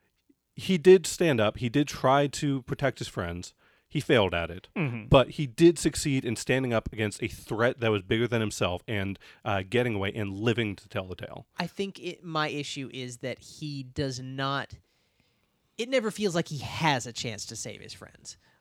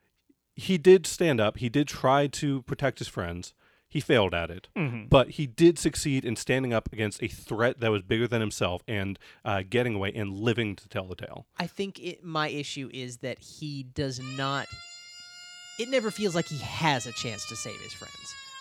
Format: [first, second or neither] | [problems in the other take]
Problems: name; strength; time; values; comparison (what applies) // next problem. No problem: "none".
first | siren; faint; from 14 s on; peak 10 dB below the speech